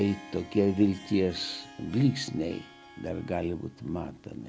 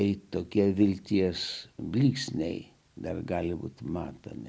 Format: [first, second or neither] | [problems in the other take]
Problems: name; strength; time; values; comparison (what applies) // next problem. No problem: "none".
second | background sound (Harp); 19 dB below the speech